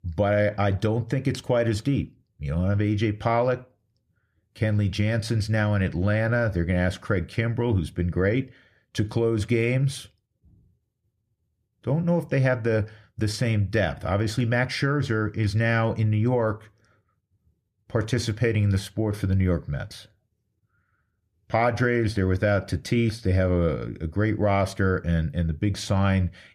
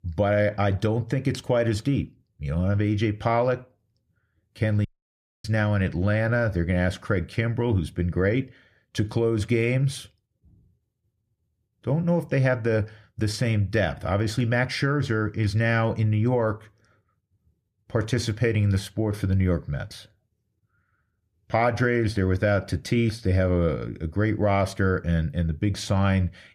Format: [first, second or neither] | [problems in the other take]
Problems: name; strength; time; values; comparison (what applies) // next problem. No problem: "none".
first | audio cutting out; at 5 s for 0.5 s